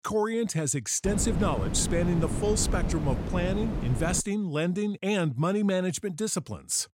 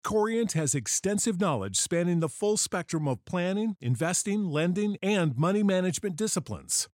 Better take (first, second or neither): second